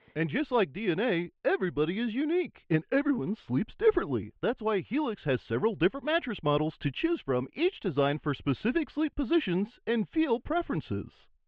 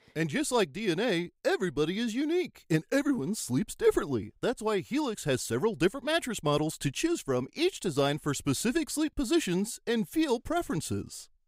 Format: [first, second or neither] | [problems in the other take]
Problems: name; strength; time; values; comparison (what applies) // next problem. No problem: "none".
second | muffled; very; fading above 3 kHz